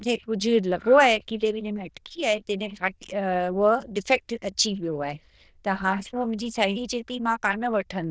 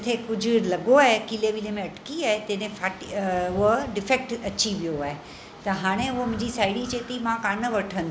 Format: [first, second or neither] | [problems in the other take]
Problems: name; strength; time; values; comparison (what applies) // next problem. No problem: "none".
second | noise reduction (neural diffusion model UNIVERSE++)